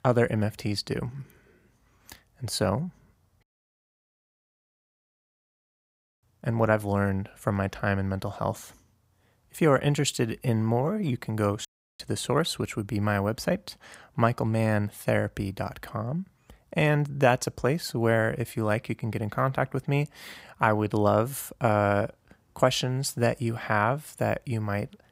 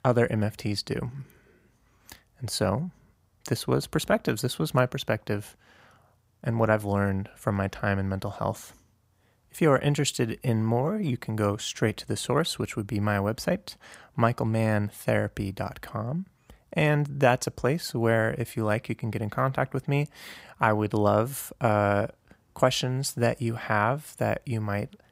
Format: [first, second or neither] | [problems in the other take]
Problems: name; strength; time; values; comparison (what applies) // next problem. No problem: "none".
second | audio cutting out; at 3.5 s for 3 s and at 12 s